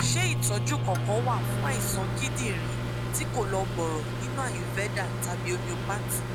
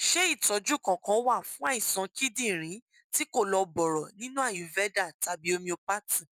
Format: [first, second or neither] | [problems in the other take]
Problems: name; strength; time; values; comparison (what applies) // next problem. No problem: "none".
second | background sound (Microwave oven); 3 dB above the speech